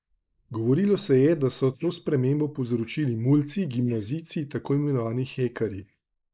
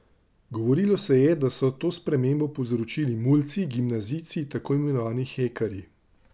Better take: second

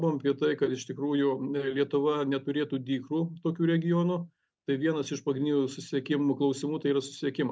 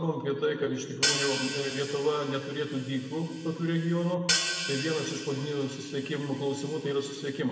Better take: first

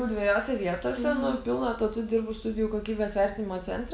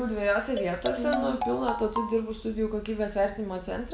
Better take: first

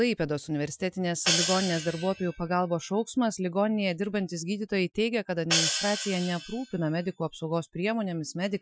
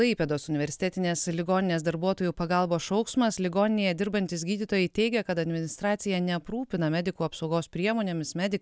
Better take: second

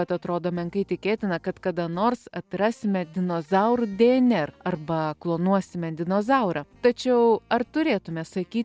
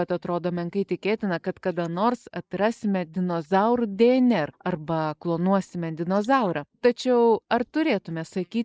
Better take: first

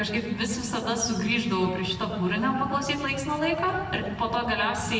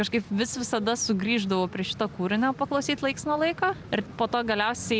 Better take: second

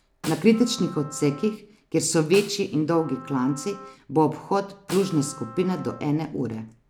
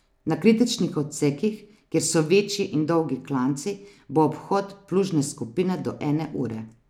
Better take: second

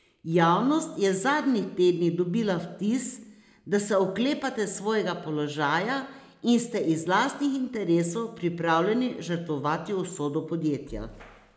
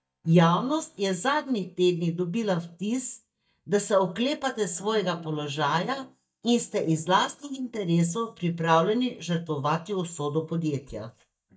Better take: first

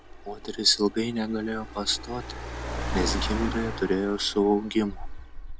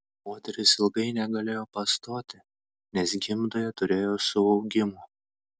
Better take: second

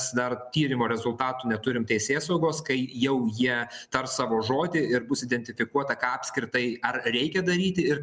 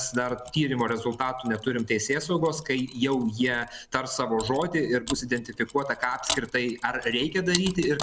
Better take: first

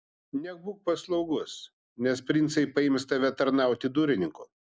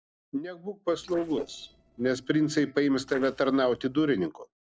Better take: first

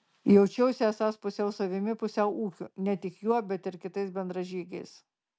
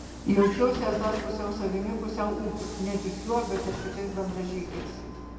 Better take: first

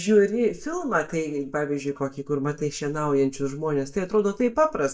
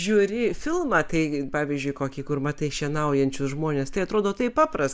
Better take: second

